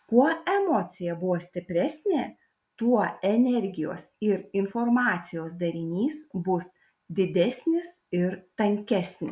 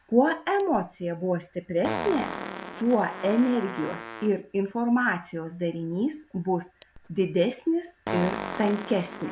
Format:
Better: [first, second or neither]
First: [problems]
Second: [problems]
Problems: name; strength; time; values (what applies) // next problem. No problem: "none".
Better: first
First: none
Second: background sound (Fart); 11 dB below the speech